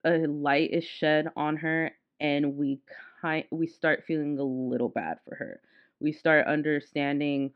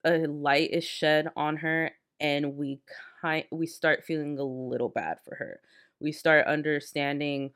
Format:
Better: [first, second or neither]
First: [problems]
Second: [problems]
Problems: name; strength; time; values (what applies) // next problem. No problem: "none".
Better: second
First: muffled; slightly; fading above 3.5 kHz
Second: none